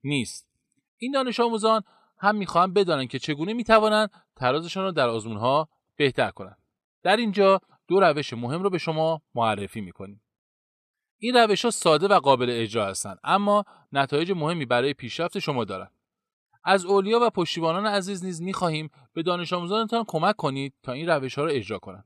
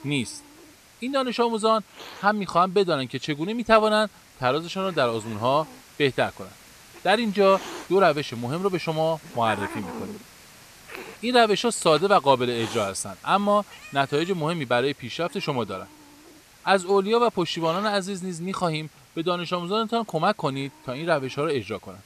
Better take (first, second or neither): first